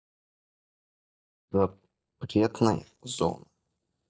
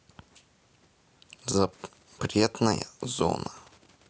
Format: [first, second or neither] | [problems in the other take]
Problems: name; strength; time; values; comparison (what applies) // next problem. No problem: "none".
second | noise reduction (neural mask model DeepFilterNet 3)